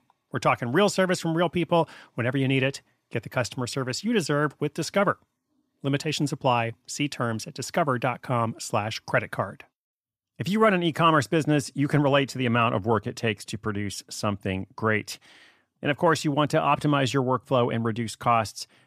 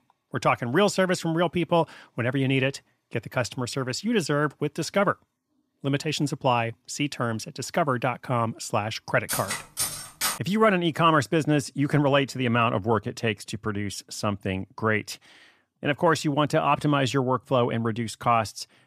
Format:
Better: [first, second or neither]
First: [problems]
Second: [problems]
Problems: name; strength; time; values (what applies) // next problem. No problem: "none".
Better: first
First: none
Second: clattering dishes; noticeable; from 9.5 to 10 s; peak 2 dB below the speech